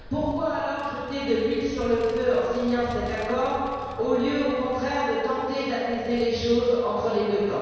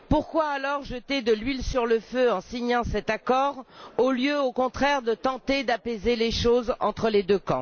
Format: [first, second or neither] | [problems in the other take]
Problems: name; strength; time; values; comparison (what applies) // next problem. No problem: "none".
second | background sound (Vehicle); 19 dB below the speech // room echo; dies away in 1.9 s